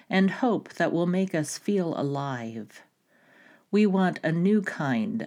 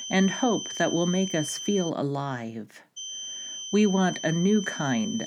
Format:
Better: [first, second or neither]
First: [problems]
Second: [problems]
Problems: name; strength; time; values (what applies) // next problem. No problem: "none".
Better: first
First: none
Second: high-pitched whine; loud; until 2 s and from 3 s on; 3 kHz, 8 dB below the speech